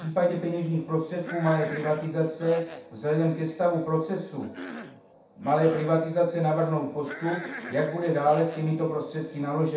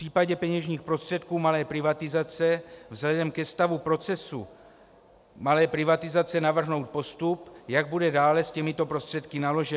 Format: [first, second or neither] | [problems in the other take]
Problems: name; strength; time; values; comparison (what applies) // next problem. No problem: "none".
second | background sound (Cough); 16 dB below the speech // room echo; dies away in 0.7 s